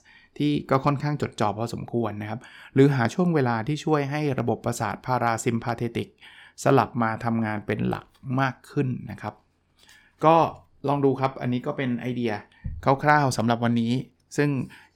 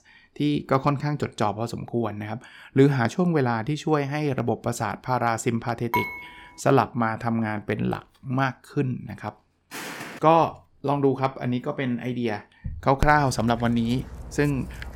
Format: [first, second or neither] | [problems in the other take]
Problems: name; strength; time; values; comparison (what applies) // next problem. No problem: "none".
first | clattering dishes; noticeable; at 6 s; peak 3 dB below the speech // footsteps; noticeable; at 9.5 s; peak 9 dB below the speech // dog barking; noticeable; from 13 s on; peak 7 dB below the speech